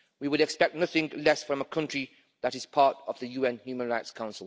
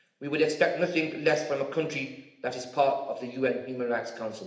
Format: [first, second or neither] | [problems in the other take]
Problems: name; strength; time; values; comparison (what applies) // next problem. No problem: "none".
first | room echo; dies away in 0.8 s